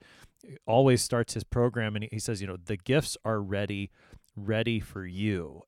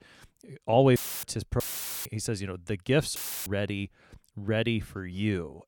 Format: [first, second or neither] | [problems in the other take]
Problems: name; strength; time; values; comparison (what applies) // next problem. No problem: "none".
first | audio cutting out; filled with static; at 1 s, at 1.5 s and at 3 s